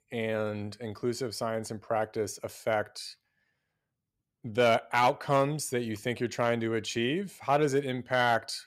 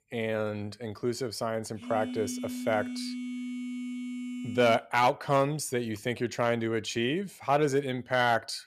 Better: first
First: none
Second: phone ringing; noticeable; from 2 to 5 s; peak 7 dB below the speech

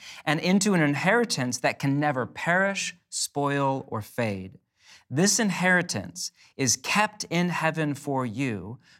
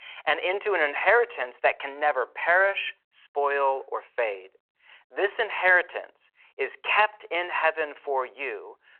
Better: first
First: none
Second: phone-call audio

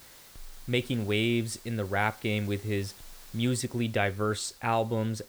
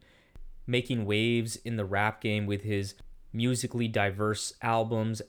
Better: second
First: hiss; faint; throughout; 20 dB below the speech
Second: none

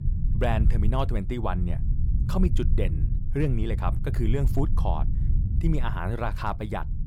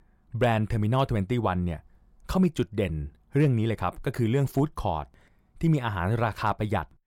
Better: second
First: low rumble; noticeable; throughout; 10 dB below the speech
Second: none

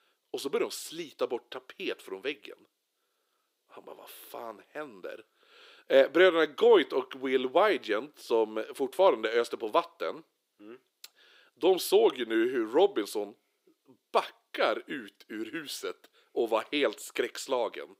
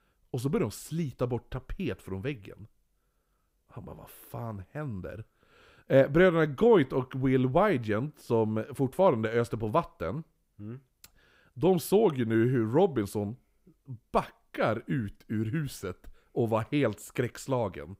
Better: second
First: thin; somewhat; fading below 350 Hz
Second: none

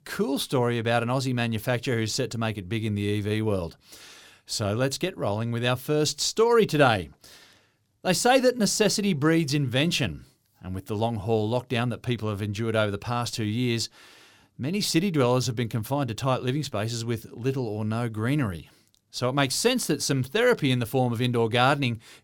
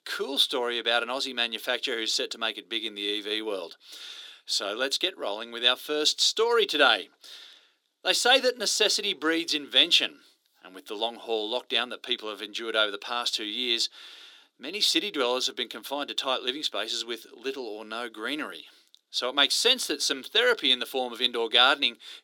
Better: first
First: none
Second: thin; somewhat; fading below 300 Hz

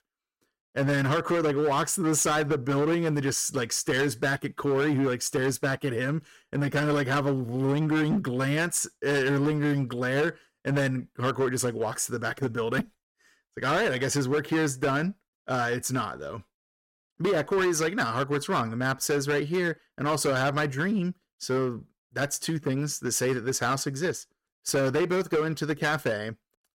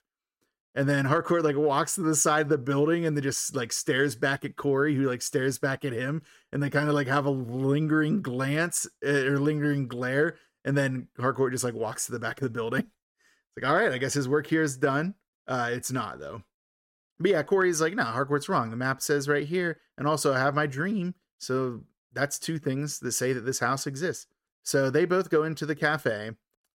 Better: second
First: distortion; slight; 12% of the sound clipped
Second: none

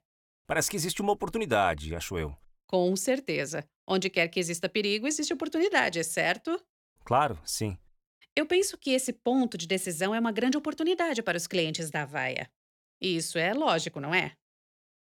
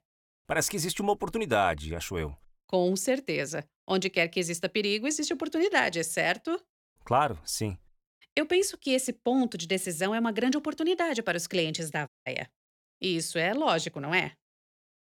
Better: first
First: none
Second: audio cutting out; at 12 s

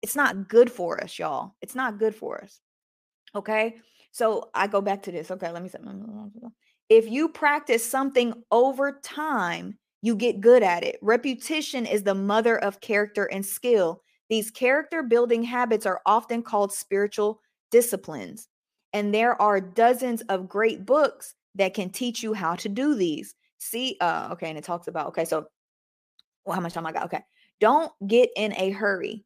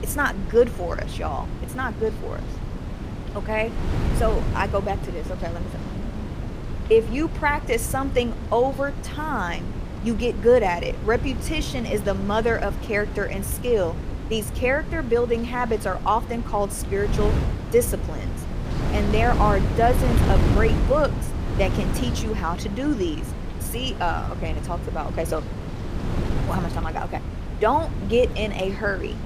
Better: first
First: none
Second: wind noise on the microphone; occasional gusts; 10 dB below the speech

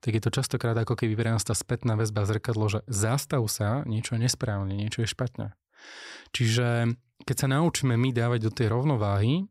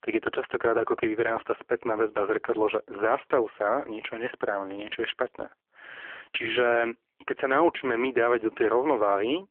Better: first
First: none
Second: phone-call audio; poor line

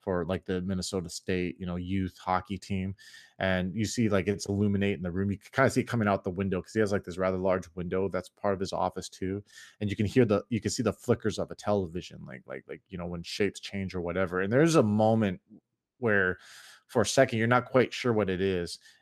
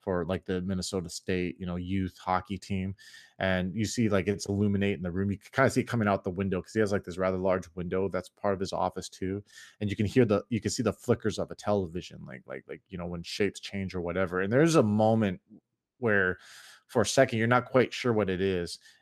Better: neither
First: none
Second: none

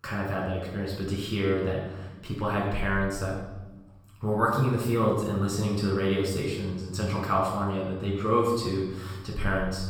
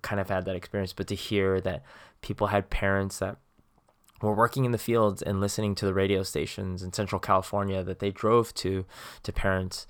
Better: second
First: off-mic speech; far // room echo; noticeable; dies away in 1 s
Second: none

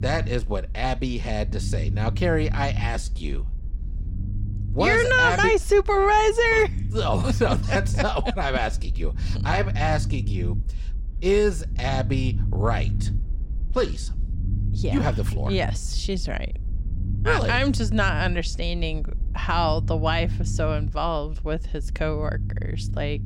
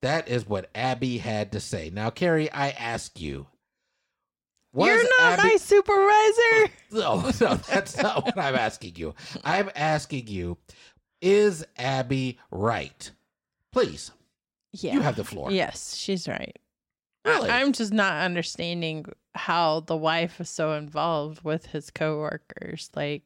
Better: second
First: low rumble; noticeable; throughout; 20 dB below the speech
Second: none

